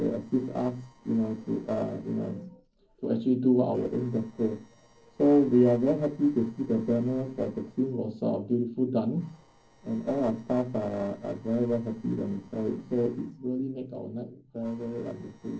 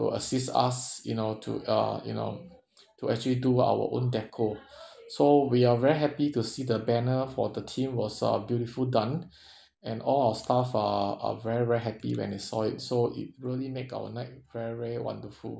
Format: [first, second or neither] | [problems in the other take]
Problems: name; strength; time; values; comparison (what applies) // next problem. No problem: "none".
second | noise reduction (neural separator model SepFormer DNS4)